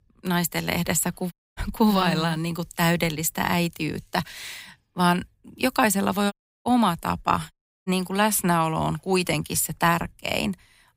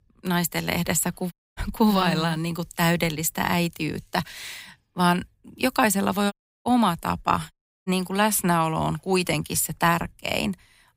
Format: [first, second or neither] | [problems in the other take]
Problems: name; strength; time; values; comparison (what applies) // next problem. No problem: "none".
neither | audio cutting out; at 1.5 s, at 6.5 s and at 7.5 s; the same in both